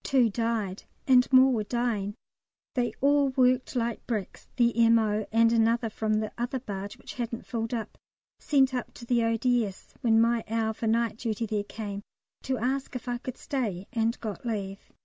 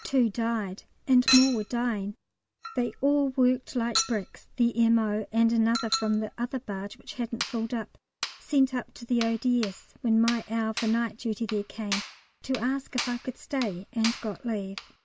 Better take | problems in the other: first | background sound (Chink, clink); 10 dB below the speech

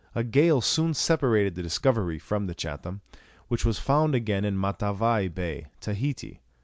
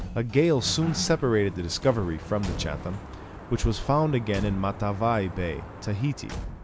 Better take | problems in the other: first | background sound (Sliding door + Slam / Truck / Car); 11 dB below the speech

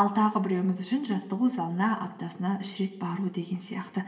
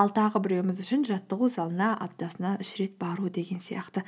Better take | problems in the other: second | room echo; dies away in 0.9 s

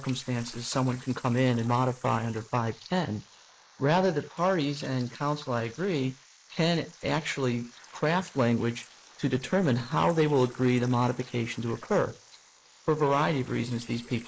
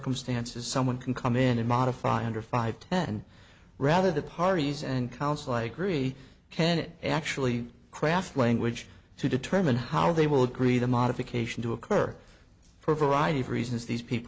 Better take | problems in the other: second | noise reduction (neural mask model Resemble Enhance denoiser)

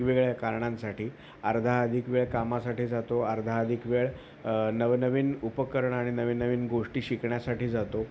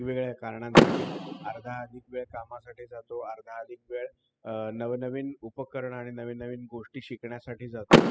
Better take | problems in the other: first | noise reduction (classical method spectral subtraction)

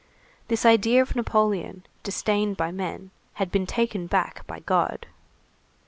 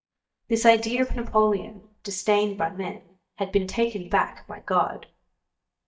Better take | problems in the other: first | noise reduction (neural mask model DeepFilterNet 3)

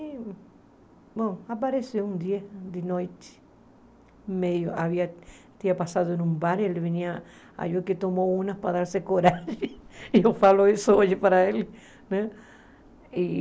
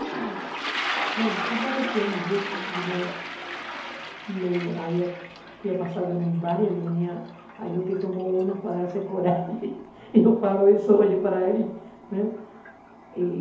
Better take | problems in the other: first | background sound (Toilet flush); 10 dB below the speech // room echo; dies away in 2.2 s

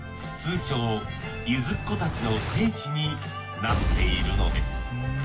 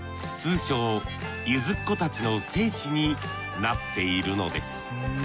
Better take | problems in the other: second | background sound (Explosion); 1 dB below the speech // room echo; dies away in 0.2 s

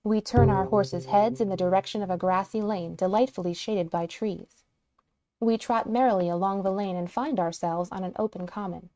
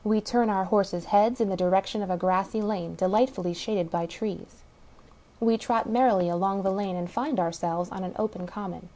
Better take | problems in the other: second | noise reduction (neural mask model RNNoise)

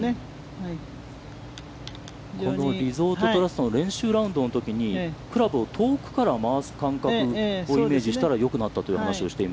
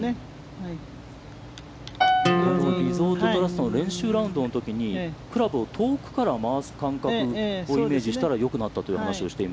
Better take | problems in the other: first | background sound (Piano + Acoustic guitar); 1 dB above the speech

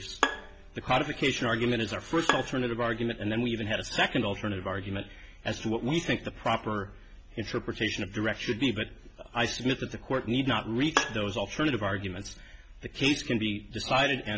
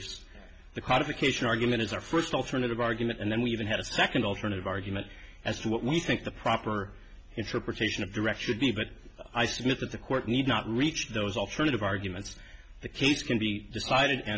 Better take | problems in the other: second | background sound (Bowed string instrument); 6 dB below the speech

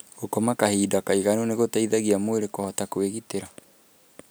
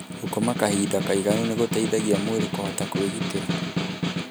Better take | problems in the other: first | background sound (Snare drum); 3 dB below the speech

